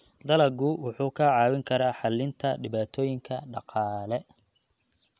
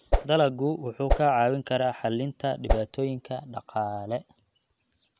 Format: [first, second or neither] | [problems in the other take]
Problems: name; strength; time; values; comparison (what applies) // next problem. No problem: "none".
first | background sound (Whoosh, swoosh, swish); 2 dB above the speech